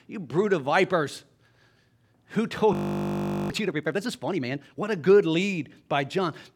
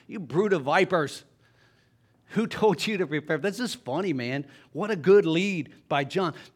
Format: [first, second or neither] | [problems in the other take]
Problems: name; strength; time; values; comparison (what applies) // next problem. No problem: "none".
second | audio freezing; at 2.5 s for 1 s